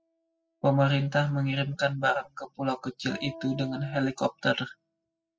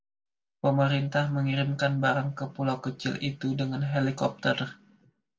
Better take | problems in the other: second | noise reduction (classical method spectral subtraction)

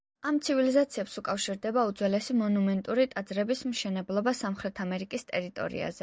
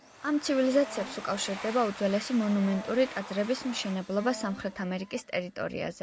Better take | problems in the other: first | background sound (Wind instrument, woodwind instrument + Domestic sounds, home sounds); 14 dB below the speech

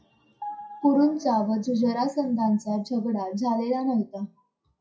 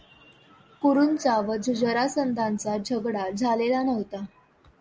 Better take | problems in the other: second | noise reduction (classical method WPE with log-MMSE)

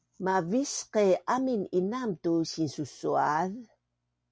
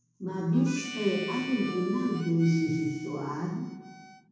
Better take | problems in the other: first | background sound (Harmonica); 14 dB below the speech // room echo; dies away in 1.2 s

